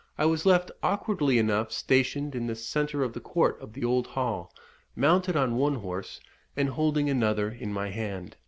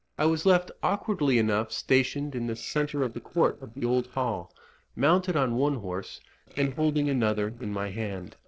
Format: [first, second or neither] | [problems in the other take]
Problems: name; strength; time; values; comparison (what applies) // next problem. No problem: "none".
first | noise reduction (neural separator model SepFormer DNS4)